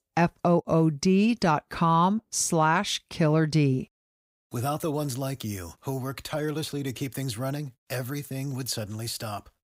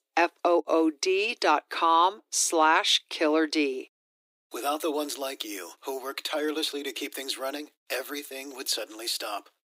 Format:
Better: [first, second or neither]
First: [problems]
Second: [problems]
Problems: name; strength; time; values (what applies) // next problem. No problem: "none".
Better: first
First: none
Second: thin; very; fading below 300 Hz